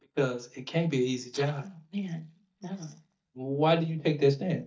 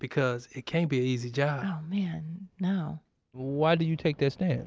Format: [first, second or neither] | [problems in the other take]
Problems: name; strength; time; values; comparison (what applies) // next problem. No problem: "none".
second | noise reduction (neural mask model DeepFilterNet 3)